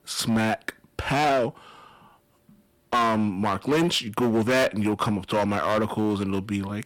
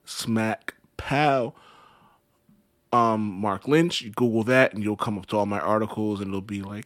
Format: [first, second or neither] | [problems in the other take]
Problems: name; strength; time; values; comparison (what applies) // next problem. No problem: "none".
second | distortion; heavy; 10% of the sound clipped